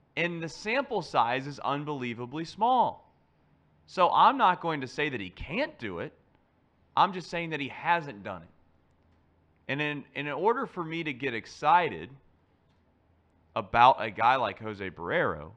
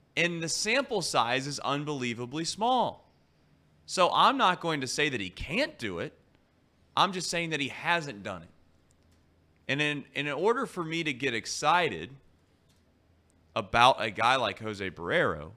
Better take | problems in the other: second | muffled; slightly; fading above 3 kHz

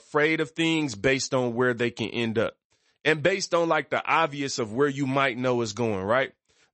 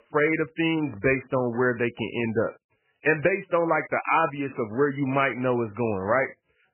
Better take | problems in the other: first | garbled, watery; badly; nothing above 2.5 kHz; slightly in the first

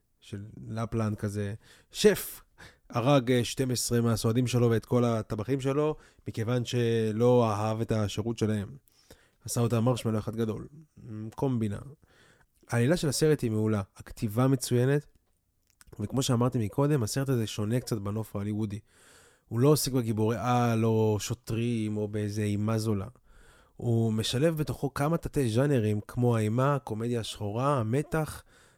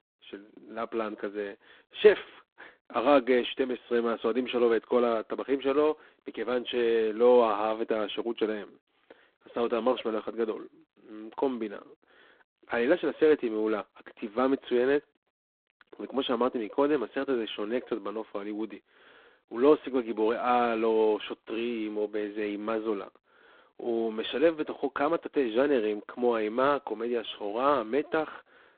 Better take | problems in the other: first | phone-call audio; poor line

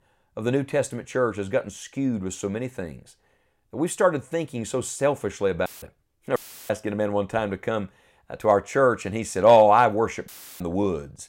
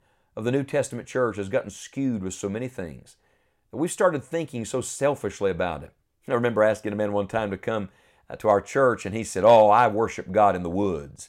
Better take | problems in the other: second | audio cutting out; filled with static; at 5.5 s, at 6.5 s and at 10 s

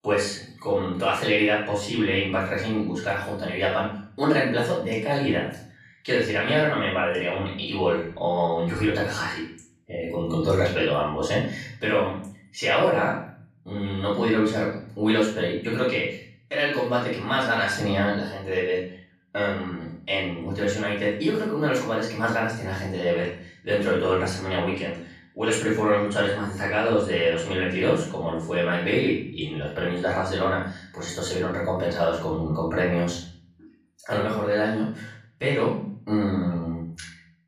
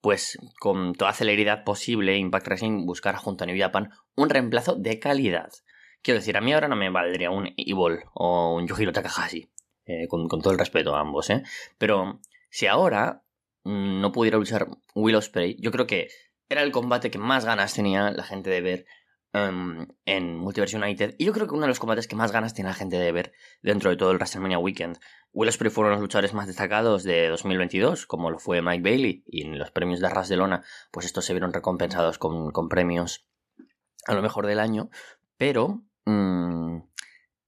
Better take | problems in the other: second | off-mic speech; far // room echo; noticeable; dies away in 0.6 s

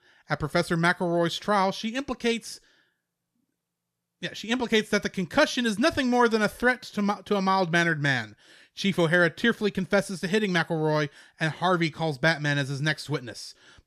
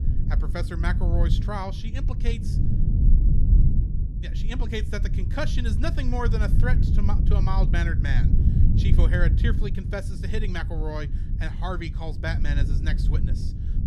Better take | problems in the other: first | low rumble; loud; throughout; 6 dB below the speech

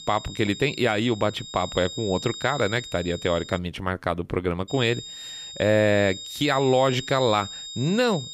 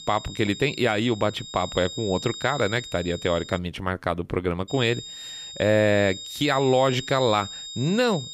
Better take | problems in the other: neither | high-pitched whine; noticeable; until 3.5 s and from 4.5 s on; 3.5 kHz, 10 dB below the speech; the same in both

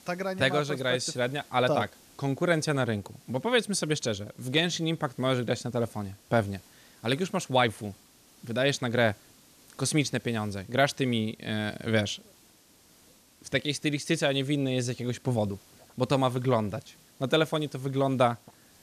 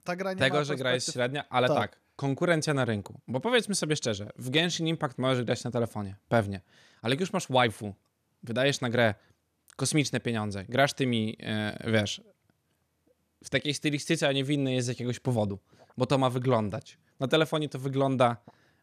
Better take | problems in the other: second | hiss; faint; throughout; 25 dB below the speech

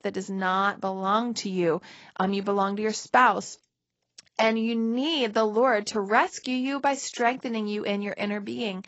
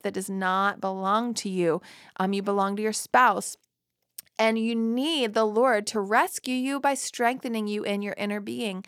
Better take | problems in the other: second | garbled, watery; badly; nothing above 7.5 kHz

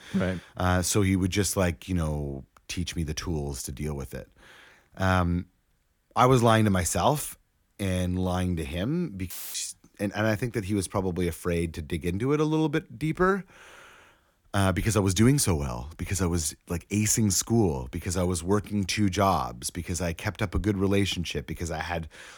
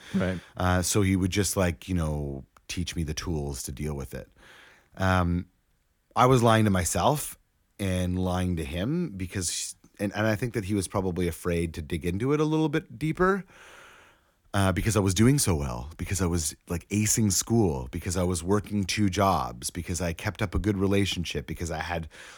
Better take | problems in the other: second | audio cutting out; filled with static; at 9.5 s

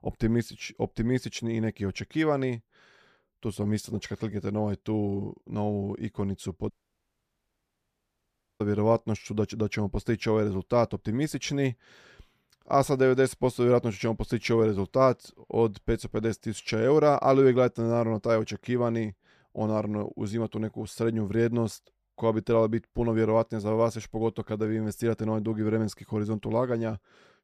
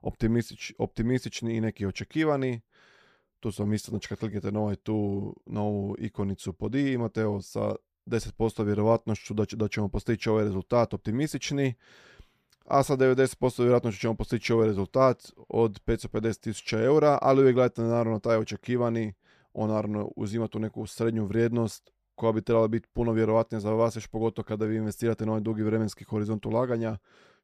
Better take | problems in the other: second | audio cutting out; at 6.5 s for 2 s

